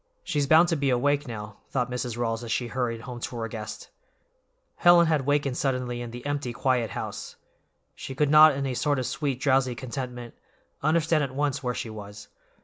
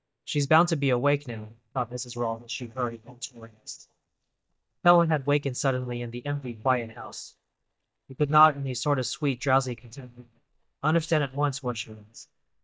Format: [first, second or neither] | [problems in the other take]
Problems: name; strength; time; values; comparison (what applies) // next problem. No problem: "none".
first | noise reduction (neural mask model DeepFilterNet 3)